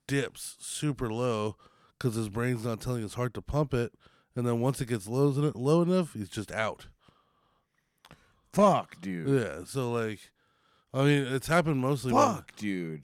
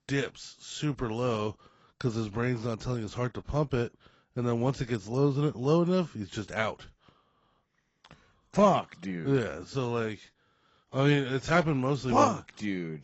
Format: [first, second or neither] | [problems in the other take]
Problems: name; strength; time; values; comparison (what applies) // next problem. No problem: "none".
first | garbled, watery; badly; nothing above 7.5 kHz